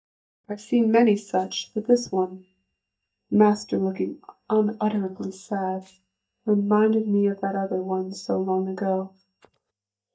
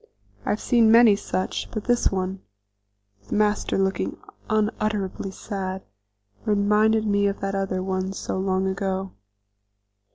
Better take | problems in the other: second | noise reduction (neural mask model DeepFilterNet 3)

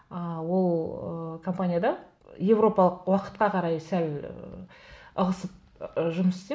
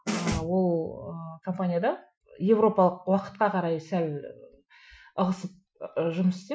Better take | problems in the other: first | noise reduction (classical method Wiener filter)

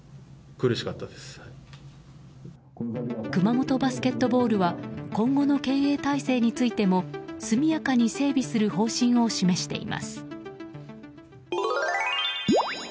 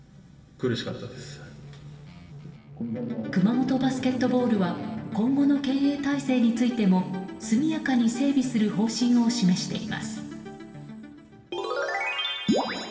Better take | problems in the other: first | background sound (Guitar); 19 dB below the speech // room echo; dies away in 2.5 s

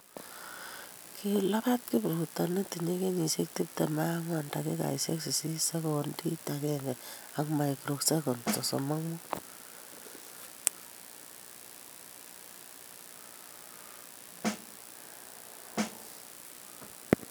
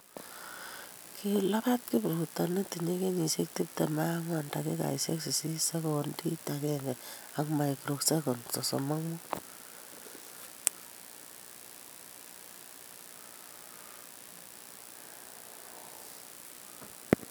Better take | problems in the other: second | background sound (Snare drum); 6 dB below the speech

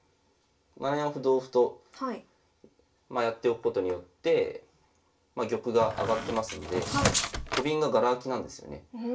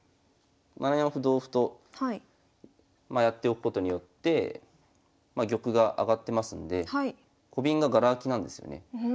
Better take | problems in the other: second | background sound (Squeak); 2 dB below the speech // room echo; dies away in 0.2 s

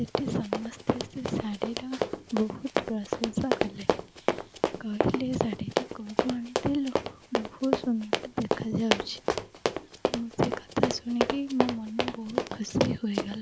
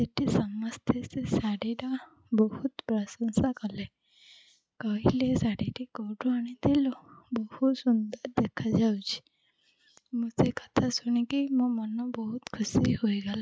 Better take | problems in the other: second | background sound (Run); 1 dB above the speech

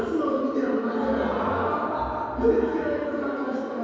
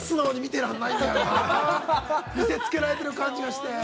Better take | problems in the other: second | room echo; dies away in 2.2 s

